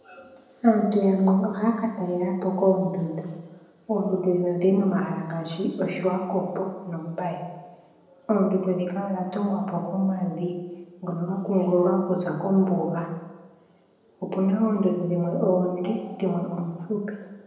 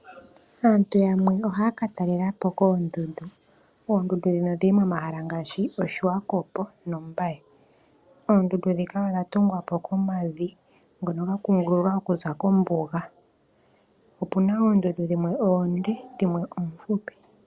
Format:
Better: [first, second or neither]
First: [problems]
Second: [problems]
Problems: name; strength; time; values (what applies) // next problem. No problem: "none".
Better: second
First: room echo; dies away in 1 s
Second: none